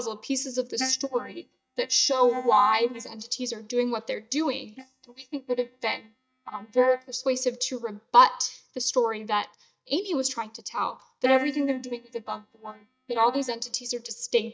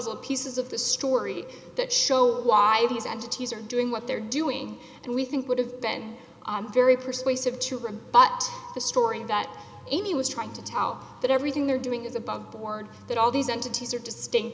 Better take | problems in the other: second | noise reduction (neural mask model DeepFilterNet 3)

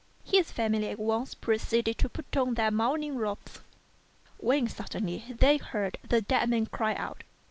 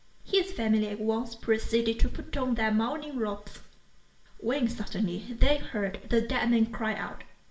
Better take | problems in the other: first | room echo; dies away in 0.5 s

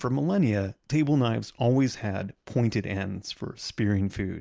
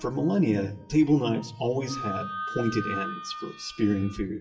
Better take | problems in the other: first | noise reduction (classical method WPE with log-MMSE)

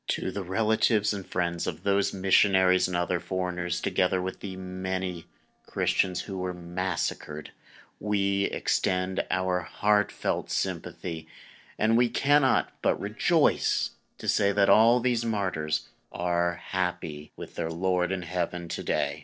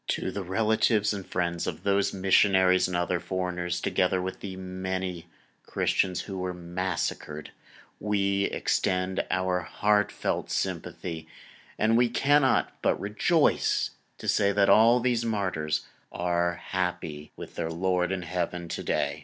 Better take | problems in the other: second | noise reduction (neural separator model SepFormer DNS4)

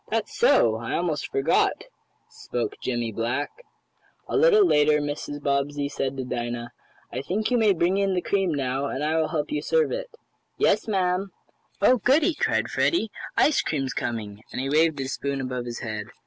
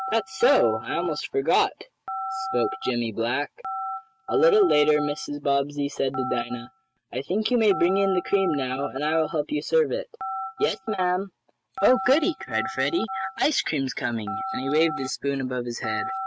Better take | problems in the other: first | noise reduction (neural mask model RNNoise)

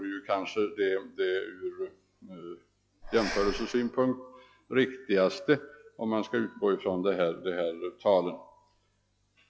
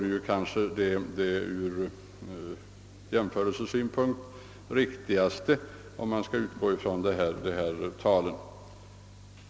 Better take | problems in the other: second | noise reduction (classical method log-MMSE)

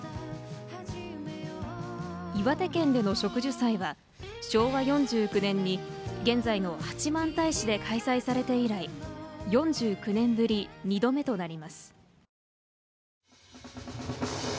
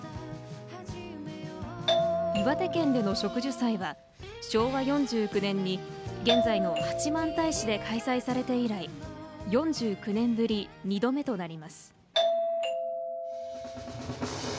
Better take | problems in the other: first | background sound (Doorbell); 1 dB below the speech

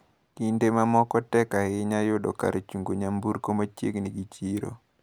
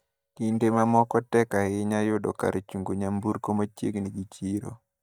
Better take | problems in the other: first | noise reduction (neural mask model DeepFilterNet 3)

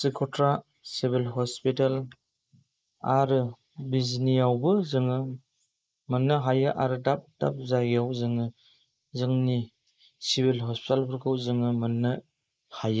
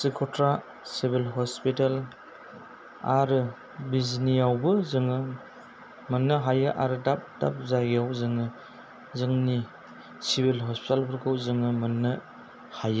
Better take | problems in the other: second | noise reduction (neural mask model Resemble Enhance denoiser)

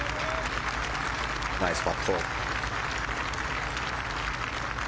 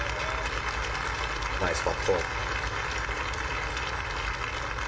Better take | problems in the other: first | room echo; dies away in 0.4 s

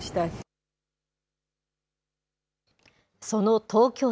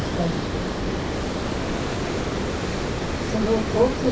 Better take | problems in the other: first | background sound (Water); 3 dB above the speech // room echo; dies away in 0.3 s

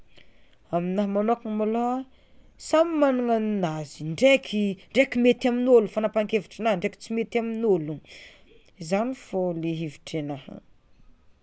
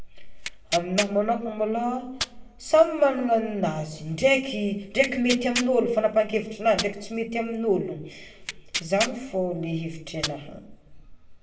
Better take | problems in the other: first | background sound (Tearing); 10 dB below the speech // room echo; dies away in 0.6 s

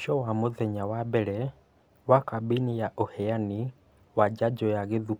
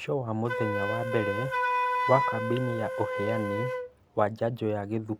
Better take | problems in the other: first | background sound (Wind instrument, woodwind instrument); 1 dB below the speech

